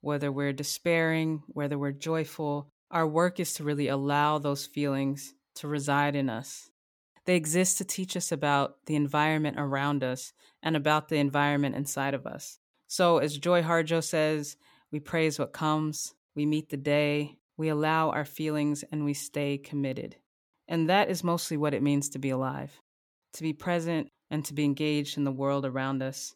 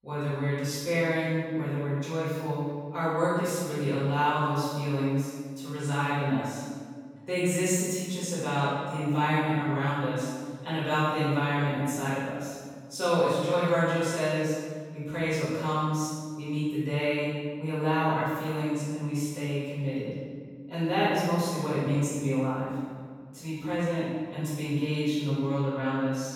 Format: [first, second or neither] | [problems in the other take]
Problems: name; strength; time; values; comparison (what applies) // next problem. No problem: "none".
first | off-mic speech; far // room echo; strong; dies away in 1.6 s